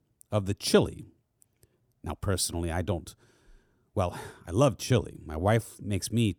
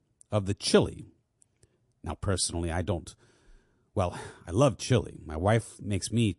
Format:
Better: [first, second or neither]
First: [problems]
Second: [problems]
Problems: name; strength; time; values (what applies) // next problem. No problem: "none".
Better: first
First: none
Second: garbled, watery; slightly